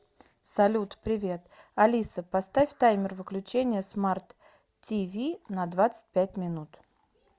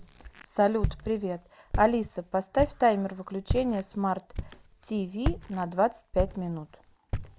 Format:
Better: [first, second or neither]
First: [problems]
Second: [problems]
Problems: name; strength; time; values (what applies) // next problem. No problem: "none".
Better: first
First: none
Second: background sound (Walk, footsteps); 7 dB below the speech